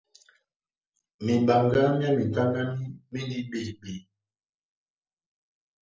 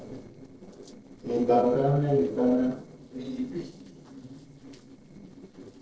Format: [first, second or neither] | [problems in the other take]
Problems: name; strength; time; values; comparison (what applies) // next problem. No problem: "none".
first | noise reduction (neural separator model SepFormer DNS4)